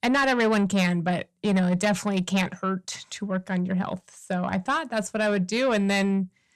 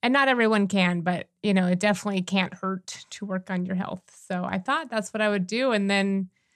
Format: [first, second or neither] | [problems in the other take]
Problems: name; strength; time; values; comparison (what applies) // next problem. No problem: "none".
second | distortion; slight; 10 dB below the speech